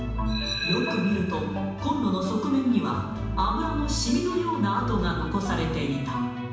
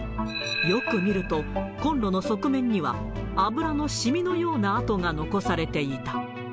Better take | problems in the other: second | room echo; dies away in 1.1 s

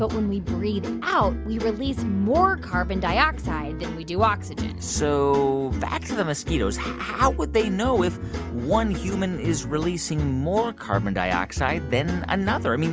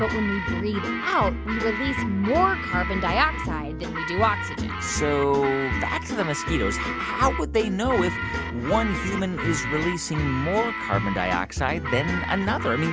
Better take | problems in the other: first | background sound (Guitar); 7 dB below the speech

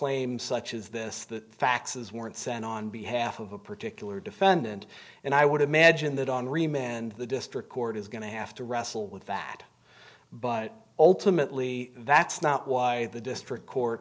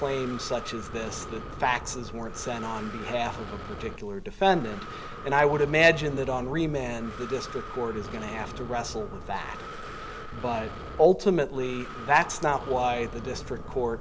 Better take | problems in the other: first | background sound (Breathing); 10 dB below the speech

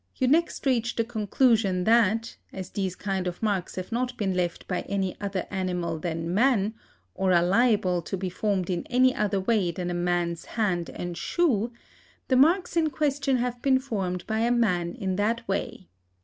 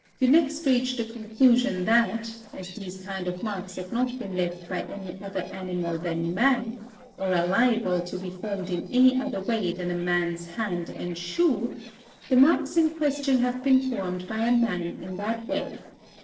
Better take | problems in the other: first | noise reduction (neural separator model SepFormer DNS4)

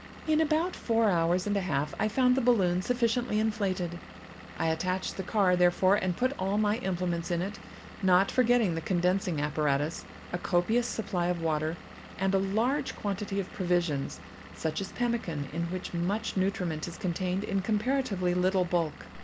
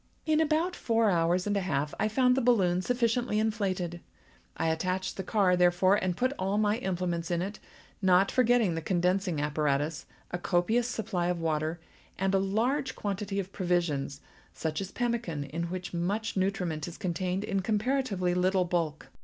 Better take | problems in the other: second | background sound (Engine / Vehicle); 17 dB below the speech

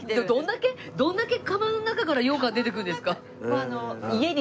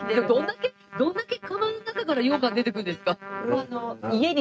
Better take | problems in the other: first | noise reduction (neural mask model RNNoise)

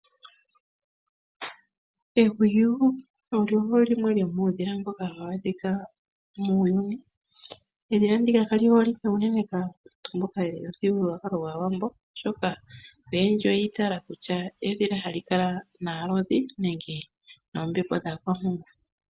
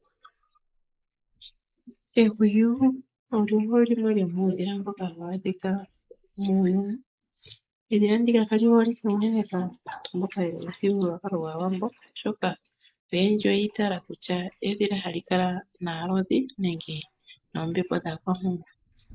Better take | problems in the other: first | noise reduction (neural mask model Resemble Enhance denoiser)

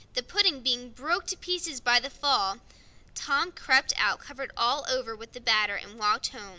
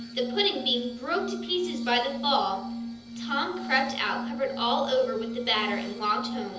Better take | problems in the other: first | background sound (Glass); 7 dB below the speech // room echo; dies away in 0.7 s

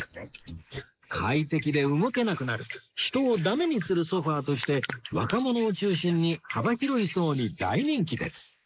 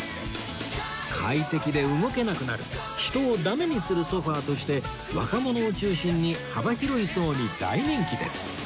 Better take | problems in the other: second | noise reduction (neural mask model Resemble Enhance denoiser)

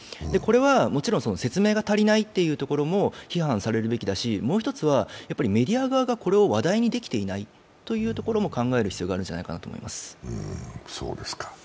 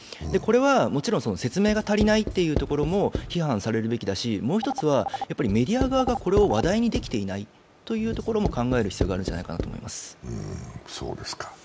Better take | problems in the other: first | background sound (Writing + Telephone); 7 dB below the speech

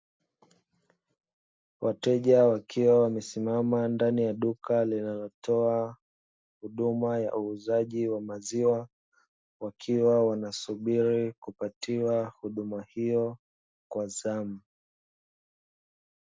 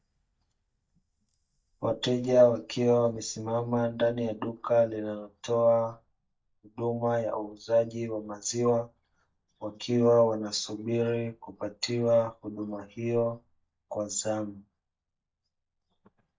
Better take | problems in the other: first | noise reduction (neural mask model DeepFilterNet 3)

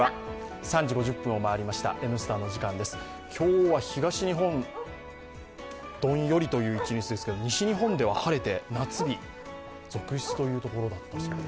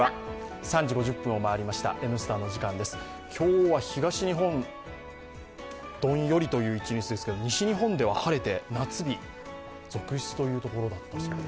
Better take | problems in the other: second | background sound (Bark); 17 dB below the speech

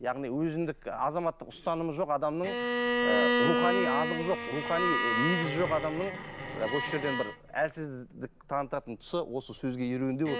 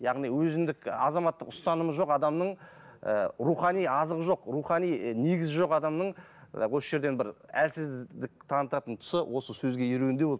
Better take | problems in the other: second | background sound (Bowed string instrument); 1 dB below the speech

